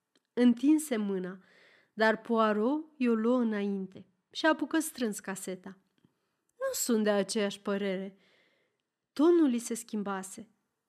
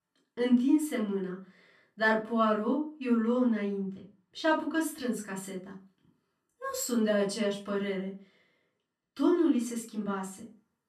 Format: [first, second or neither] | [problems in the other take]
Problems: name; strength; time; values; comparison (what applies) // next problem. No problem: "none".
first | off-mic speech; far // room echo; slight; dies away in 0.3 s